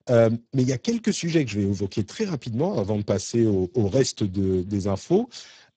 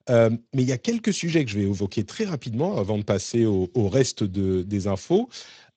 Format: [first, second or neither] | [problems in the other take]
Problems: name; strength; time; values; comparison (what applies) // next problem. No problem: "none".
second | garbled, watery; badly; nothing above 7.5 kHz; slightly in the second